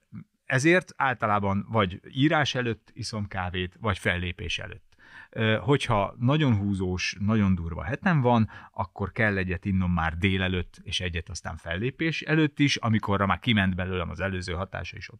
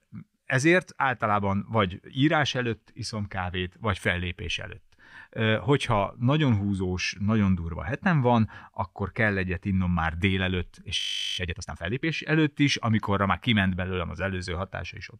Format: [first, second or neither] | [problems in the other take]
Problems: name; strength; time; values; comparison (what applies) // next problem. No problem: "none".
first | audio freezing; at 11 s